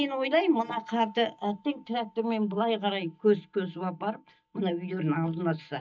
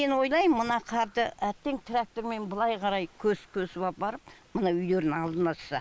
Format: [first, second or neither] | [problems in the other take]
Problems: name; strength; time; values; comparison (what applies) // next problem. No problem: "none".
second | noise reduction (neural mask model DeepFilterNet 3)